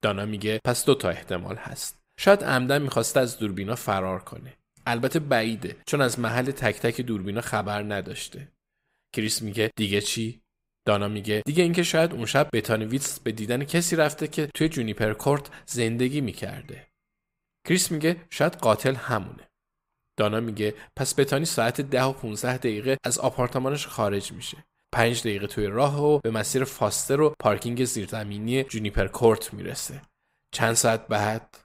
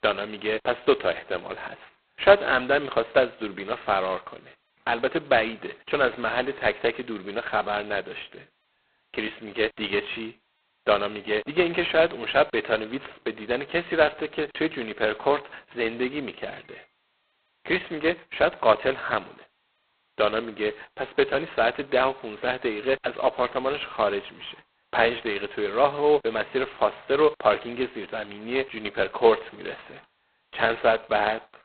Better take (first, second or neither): first